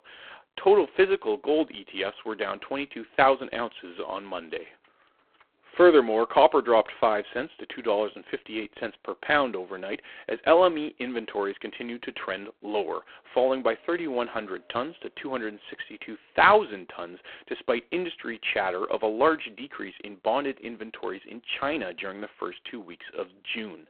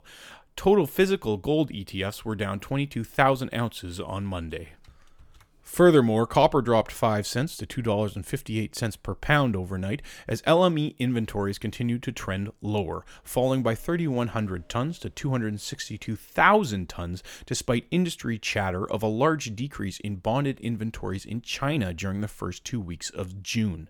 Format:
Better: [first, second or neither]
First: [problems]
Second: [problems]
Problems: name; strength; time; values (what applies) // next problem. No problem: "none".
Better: second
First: phone-call audio; poor line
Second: none